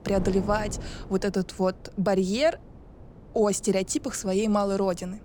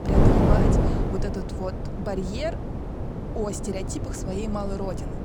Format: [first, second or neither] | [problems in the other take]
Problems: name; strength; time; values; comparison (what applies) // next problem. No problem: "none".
first | wind noise on the microphone; heavy; 2 dB above the speech; occasional gusts in the first